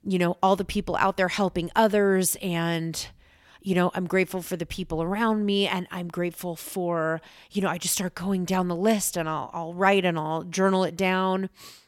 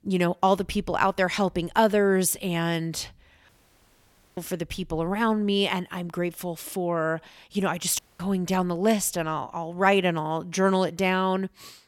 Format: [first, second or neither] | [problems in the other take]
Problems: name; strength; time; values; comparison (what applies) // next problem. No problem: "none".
first | audio cutting out; at 3.5 s for 1 s and at 8 s